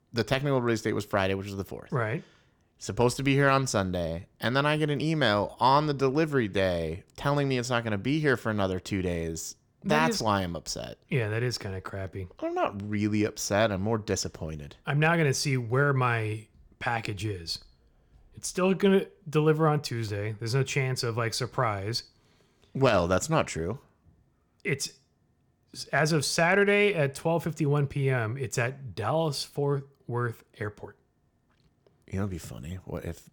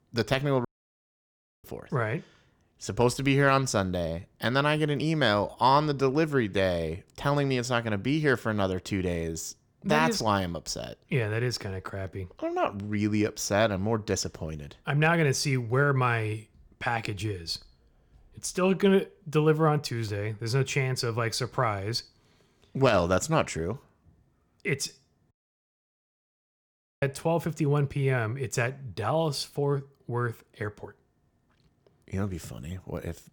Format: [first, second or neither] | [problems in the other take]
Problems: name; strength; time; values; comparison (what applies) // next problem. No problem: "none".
first | audio cutting out; at 0.5 s for 1 s and at 25 s for 1.5 s